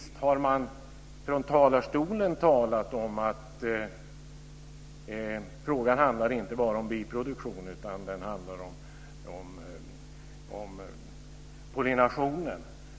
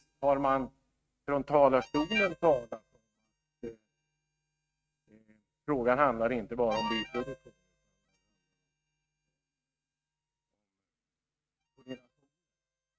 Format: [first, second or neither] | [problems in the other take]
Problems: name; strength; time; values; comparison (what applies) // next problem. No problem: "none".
first | noise reduction (neural mask model RNNoise)